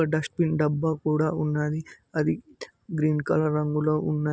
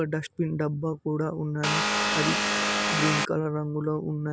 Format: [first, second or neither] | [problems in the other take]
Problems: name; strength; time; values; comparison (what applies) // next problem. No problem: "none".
first | background sound (Vehicle); 4 dB above the speech